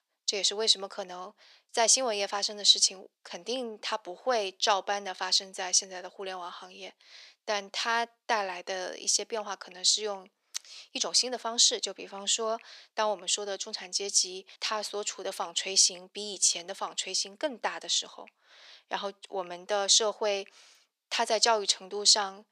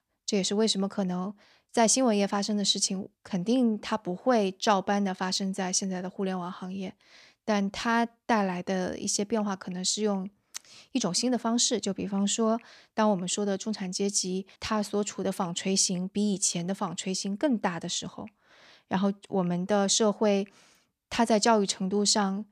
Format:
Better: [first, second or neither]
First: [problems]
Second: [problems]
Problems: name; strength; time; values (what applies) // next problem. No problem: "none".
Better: second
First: thin; very; fading below 450 Hz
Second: none